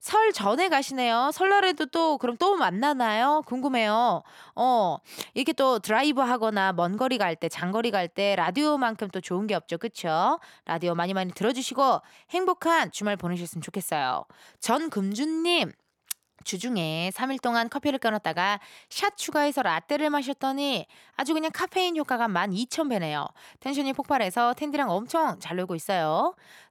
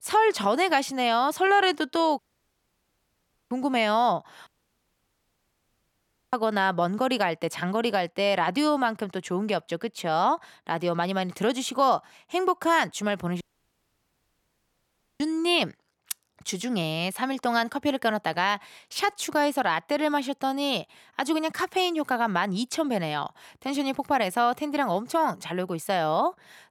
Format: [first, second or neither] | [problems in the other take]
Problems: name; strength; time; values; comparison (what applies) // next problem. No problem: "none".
first | audio cutting out; at 2 s for 1.5 s, at 4.5 s for 2 s and at 13 s for 2 s